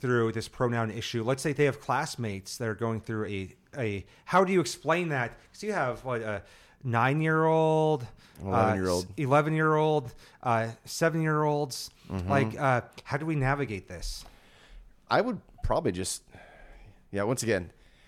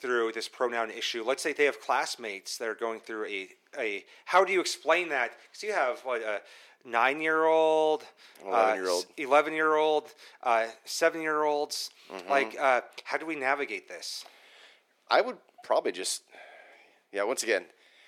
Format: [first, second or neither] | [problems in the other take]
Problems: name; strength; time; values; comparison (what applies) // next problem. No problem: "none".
first | thin; very; fading below 350 Hz